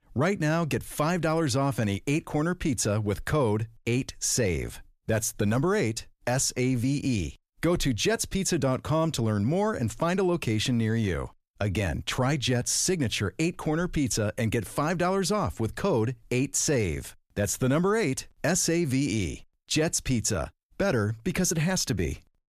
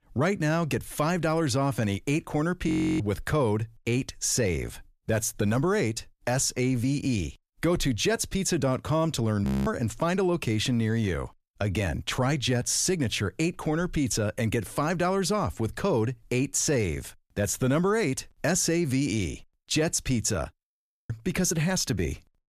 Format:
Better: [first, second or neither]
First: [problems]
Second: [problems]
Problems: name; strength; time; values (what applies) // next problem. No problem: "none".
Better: first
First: none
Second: audio freezing; at 2.5 s, at 9.5 s and at 21 s